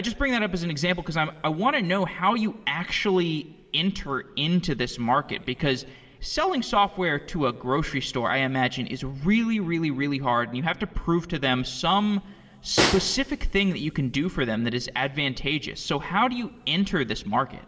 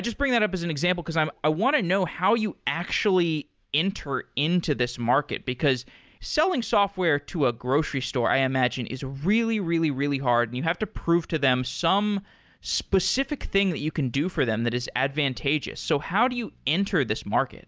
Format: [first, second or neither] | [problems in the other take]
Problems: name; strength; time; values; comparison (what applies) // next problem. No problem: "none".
second | background sound (Snare drum); 5 dB below the speech // room echo; dies away in 2.8 s